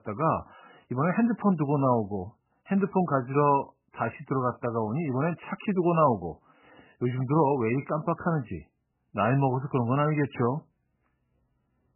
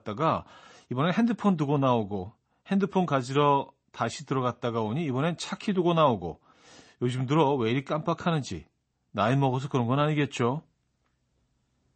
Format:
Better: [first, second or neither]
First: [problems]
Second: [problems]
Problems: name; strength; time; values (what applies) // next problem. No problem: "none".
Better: second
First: garbled, watery; badly; nothing above 3 kHz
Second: garbled, watery; slightly; nothing above 8 kHz